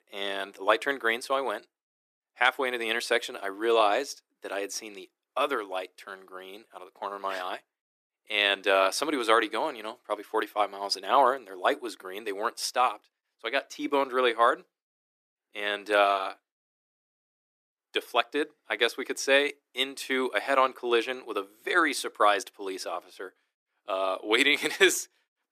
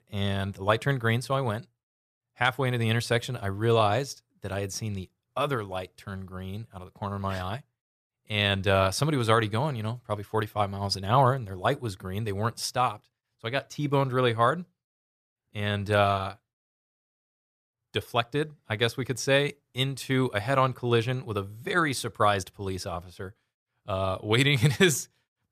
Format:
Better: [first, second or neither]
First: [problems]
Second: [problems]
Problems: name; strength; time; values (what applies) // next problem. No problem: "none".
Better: second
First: thin; somewhat; fading below 300 Hz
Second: none